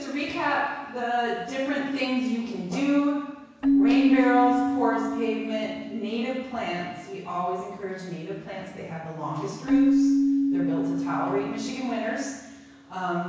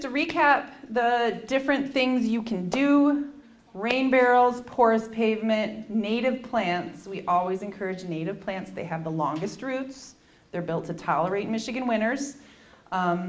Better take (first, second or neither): second